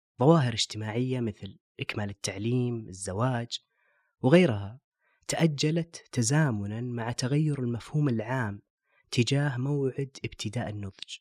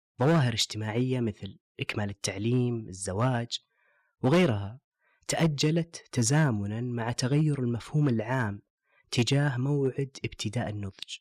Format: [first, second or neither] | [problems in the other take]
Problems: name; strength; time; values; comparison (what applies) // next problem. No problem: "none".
first | distortion; slight; 3% of the sound clipped